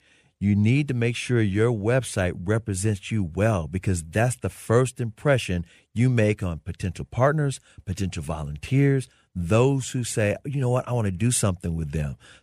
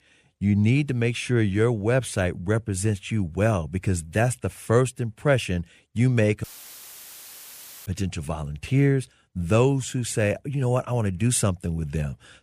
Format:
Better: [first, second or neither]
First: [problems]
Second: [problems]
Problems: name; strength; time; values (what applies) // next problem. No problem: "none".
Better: first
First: none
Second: audio cutting out; filled with static; at 6.5 s for 1.5 s